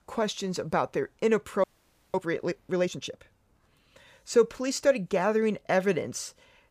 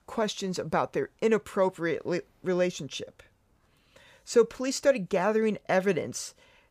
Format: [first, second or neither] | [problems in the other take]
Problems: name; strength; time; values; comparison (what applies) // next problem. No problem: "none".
second | audio freezing; at 1.5 s for 0.5 s